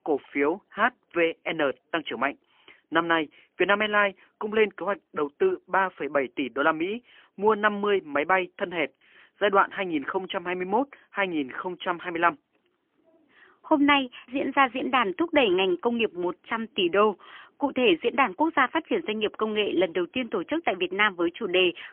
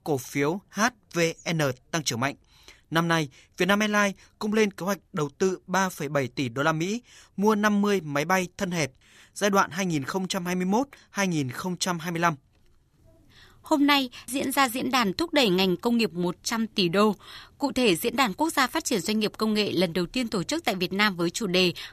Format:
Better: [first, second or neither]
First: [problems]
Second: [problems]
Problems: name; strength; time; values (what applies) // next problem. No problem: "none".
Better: second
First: phone-call audio; poor line; nothing above 3 kHz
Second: none